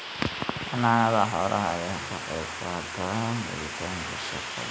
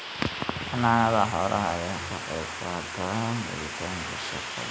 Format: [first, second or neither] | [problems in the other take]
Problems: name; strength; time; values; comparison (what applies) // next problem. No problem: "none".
first | background sound (Bowed string instrument); 17 dB below the speech